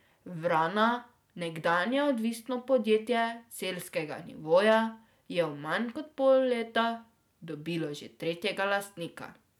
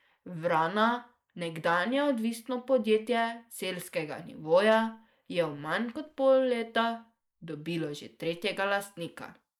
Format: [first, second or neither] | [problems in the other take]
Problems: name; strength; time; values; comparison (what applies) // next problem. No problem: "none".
first | noise reduction (neural mask model Resemble Enhance denoiser)